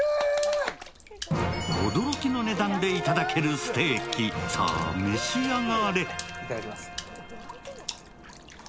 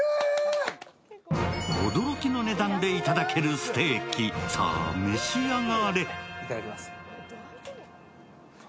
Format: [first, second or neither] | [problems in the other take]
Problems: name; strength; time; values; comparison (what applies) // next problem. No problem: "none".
second | background sound (Water / Splash, splatter); 17 dB below the speech